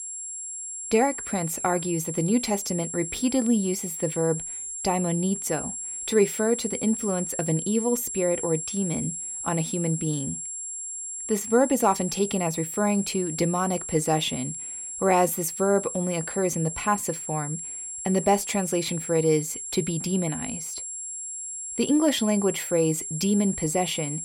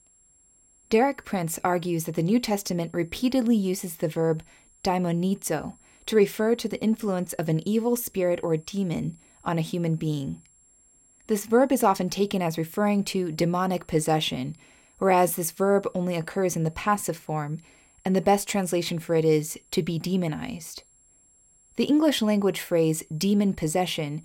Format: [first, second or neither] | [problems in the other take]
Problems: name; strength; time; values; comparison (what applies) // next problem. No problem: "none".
second | high-pitched whine; loud; throughout; 7.5 kHz, 6 dB below the speech; faint in the second